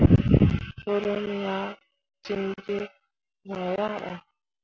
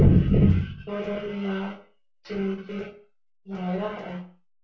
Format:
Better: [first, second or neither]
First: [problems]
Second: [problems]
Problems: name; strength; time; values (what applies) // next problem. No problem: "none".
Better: first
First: none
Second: room echo; dies away in 0.4 s